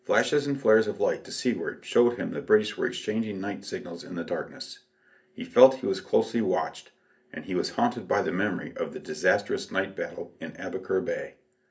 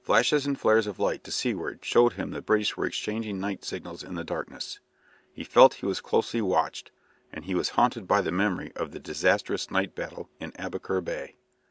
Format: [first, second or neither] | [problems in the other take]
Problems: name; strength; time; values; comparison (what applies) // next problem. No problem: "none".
second | room echo; dies away in 0.3 s